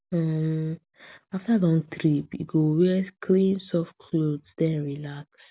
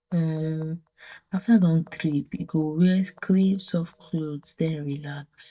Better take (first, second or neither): first